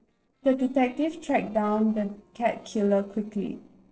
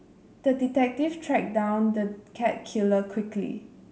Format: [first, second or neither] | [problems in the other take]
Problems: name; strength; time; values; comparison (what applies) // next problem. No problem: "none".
second | noise reduction (neural separator model SepFormer DNS4)